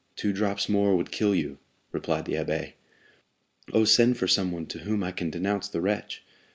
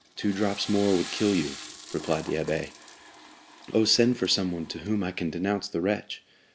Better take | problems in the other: first | background sound (Toilet flush / Water); 16 dB below the speech

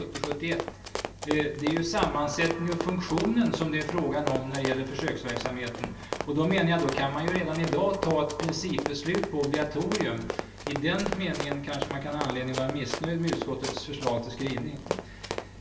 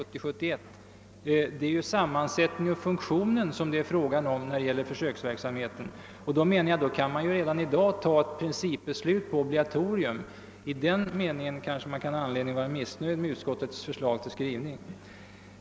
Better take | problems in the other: second | background sound (Run); 6 dB below the speech // room echo; dies away in 0.3 s

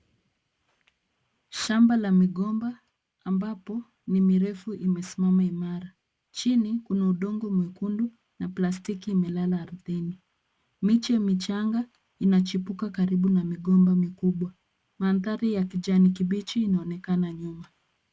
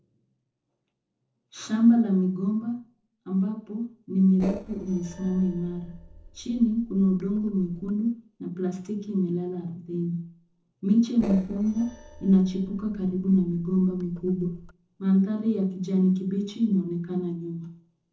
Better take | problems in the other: first | noise reduction (neural separator model SepFormer DNS4)

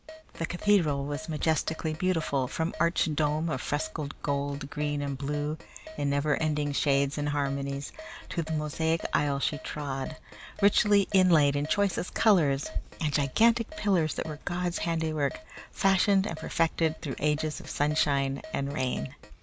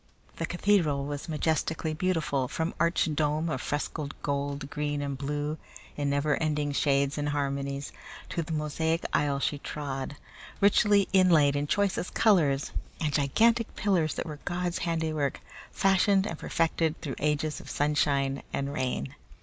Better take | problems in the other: second | background sound (Keyboard (musical)); 19 dB below the speech

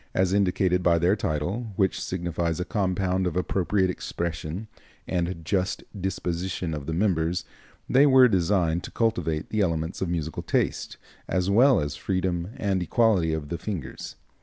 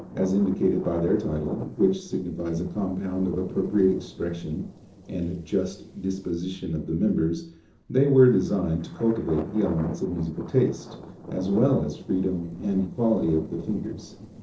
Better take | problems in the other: first | noise reduction (neural separator model SepFormer DNS4)

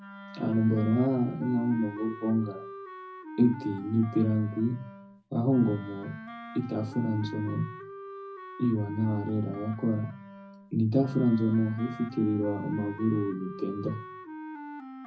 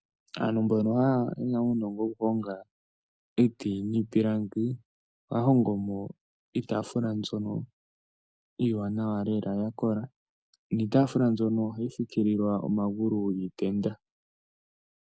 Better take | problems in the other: second | background sound (Wind instrument, woodwind instrument); 14 dB below the speech // room echo; dies away in 0.4 s

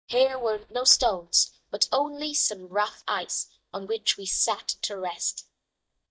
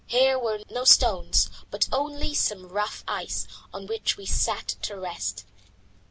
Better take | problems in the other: second | noise reduction (neural mask model DeepFilterNet 3)

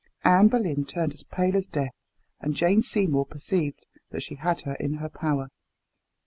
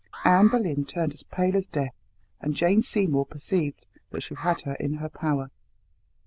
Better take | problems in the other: first | noise reduction (neural diffusion model UNIVERSE++)

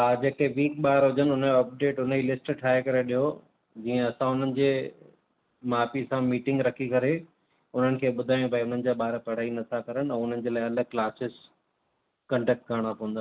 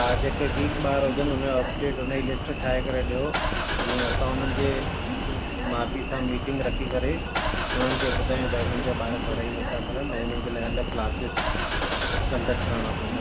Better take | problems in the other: first | background sound (Engine starting / Car); 2 dB above the speech

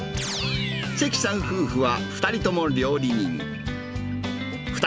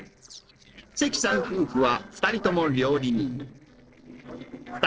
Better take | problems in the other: first | noise reduction (neural separator model SepFormer DNS4)

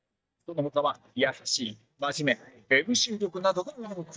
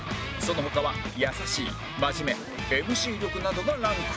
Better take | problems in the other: second | noise reduction (neural mask model DeepFilterNet 3)

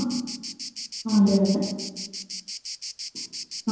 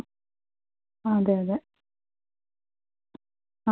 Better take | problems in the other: second | background sound (Insect); 10 dB below the speech // room echo; dies away in 1 s

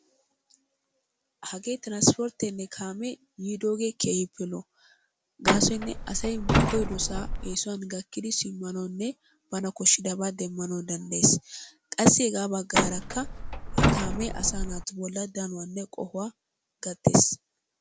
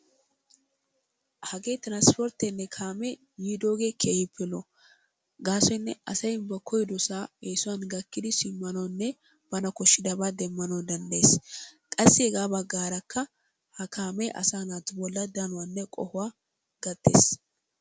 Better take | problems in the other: second | background sound (Truck); 2 dB above the speech

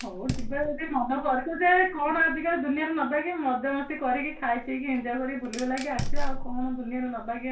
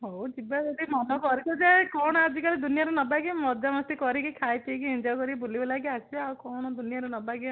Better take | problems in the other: second | background sound (Fire); 5 dB below the speech // room echo; dies away in 0.2 s

